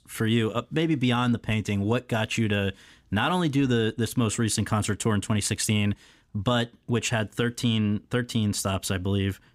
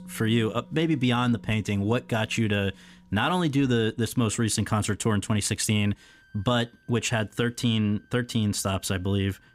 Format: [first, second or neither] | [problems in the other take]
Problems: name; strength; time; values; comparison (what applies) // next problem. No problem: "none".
first | background music; faint; throughout; 25 dB below the speech